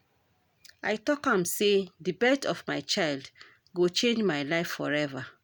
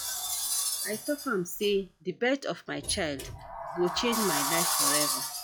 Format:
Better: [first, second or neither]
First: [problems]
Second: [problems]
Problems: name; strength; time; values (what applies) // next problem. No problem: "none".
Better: first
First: none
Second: noise reduction (classical method log-MMSE)